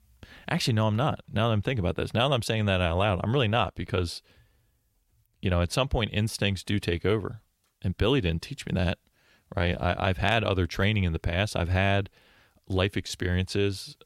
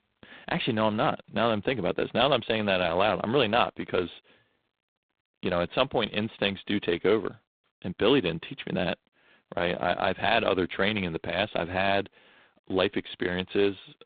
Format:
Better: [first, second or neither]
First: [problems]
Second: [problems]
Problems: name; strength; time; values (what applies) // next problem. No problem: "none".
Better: first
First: none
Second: phone-call audio; poor line; nothing above 3.5 kHz